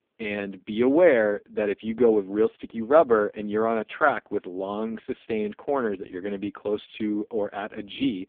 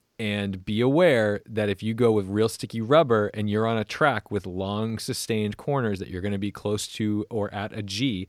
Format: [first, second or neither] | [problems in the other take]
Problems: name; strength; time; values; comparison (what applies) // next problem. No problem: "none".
second | phone-call audio; poor line; nothing above 3.5 kHz